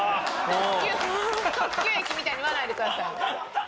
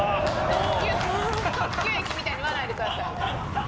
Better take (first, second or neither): first